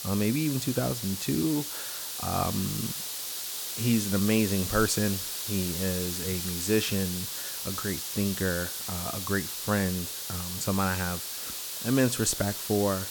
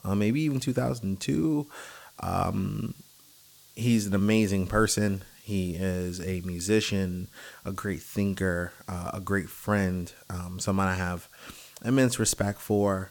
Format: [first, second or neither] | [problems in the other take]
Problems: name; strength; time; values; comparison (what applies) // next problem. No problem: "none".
second | hiss; loud; throughout; 3 dB below the speech; faint in the second